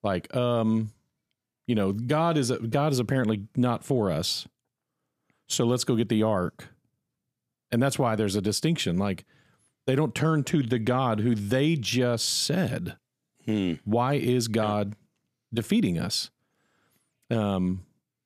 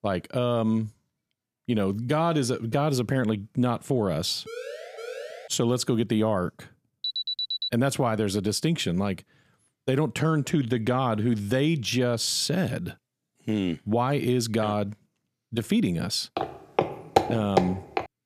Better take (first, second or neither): first